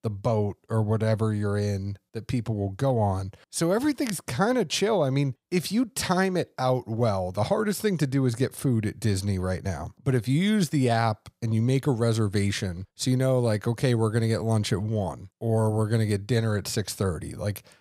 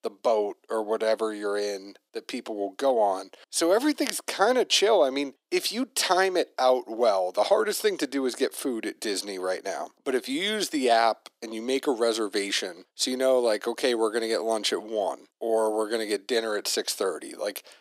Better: first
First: none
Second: thin; very; fading below 300 Hz

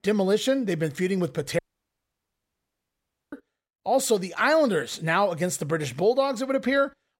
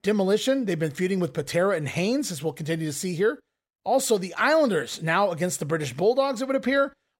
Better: second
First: audio cutting out; at 1.5 s for 1.5 s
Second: none

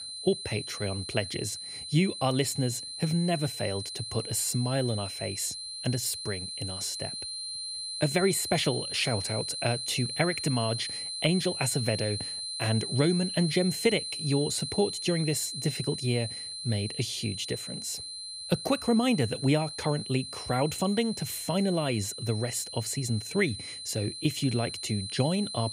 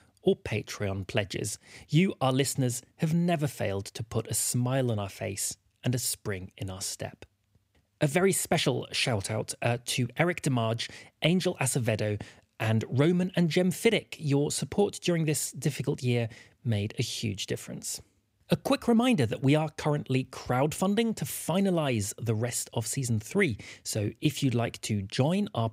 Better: second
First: high-pitched whine; loud; throughout; 4 kHz, 5 dB below the speech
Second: none

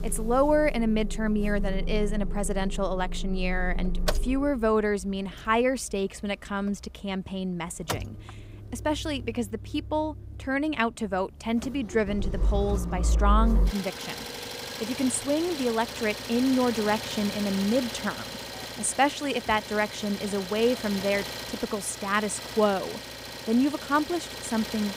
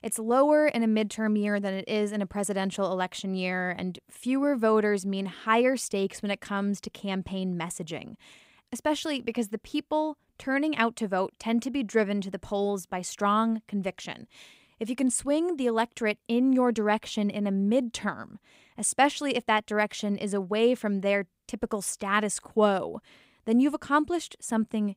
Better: second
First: traffic noise; loud; throughout; 6 dB below the speech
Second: none

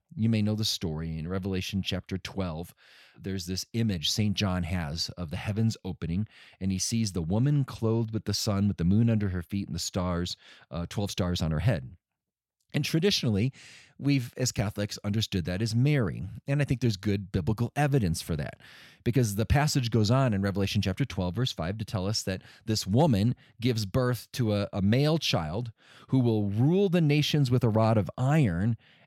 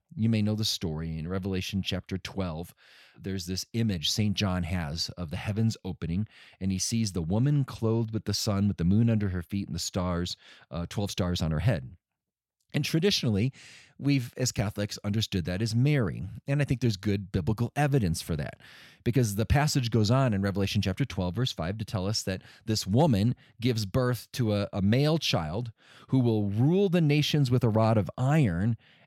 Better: neither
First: none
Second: none

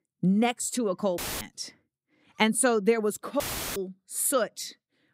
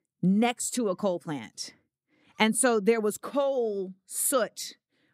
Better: second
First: audio cutting out; filled with static; at 1 s and at 3.5 s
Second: none

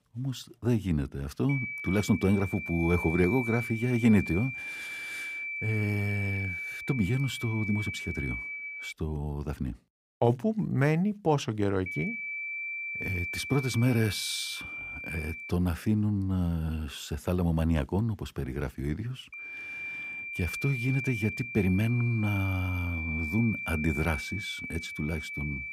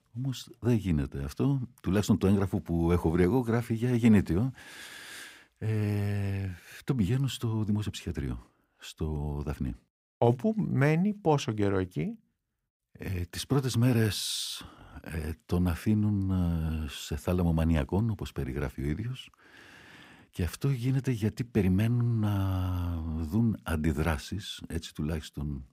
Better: second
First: high-pitched whine; loud; from 1.5 to 9 s, from 12 to 16 s and from 19 s on; 2.5 kHz, 5 dB below the speech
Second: none

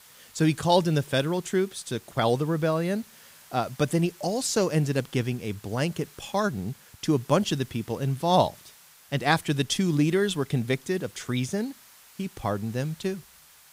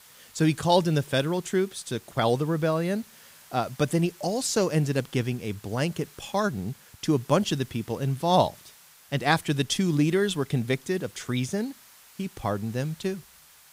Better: neither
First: hiss; faint; throughout; 25 dB below the speech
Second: hiss; faint; throughout; 25 dB below the speech

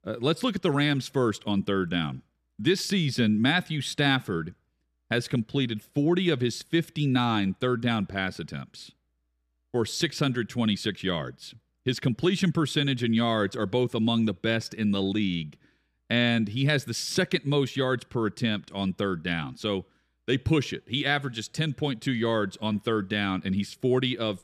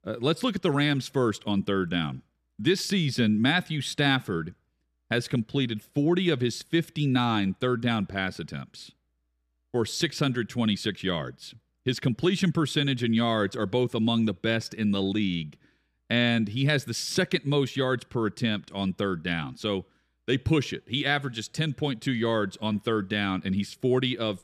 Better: neither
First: none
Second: none

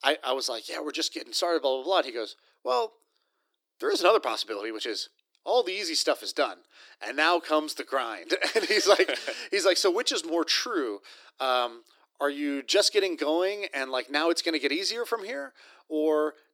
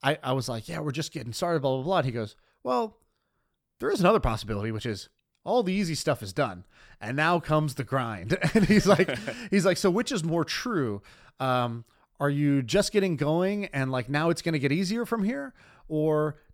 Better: second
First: thin; very; fading below 300 Hz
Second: none

